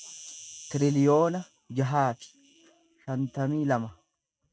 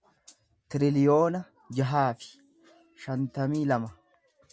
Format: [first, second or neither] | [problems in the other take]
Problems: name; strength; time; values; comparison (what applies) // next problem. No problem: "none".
second | noise reduction (neural mask model RNNoise)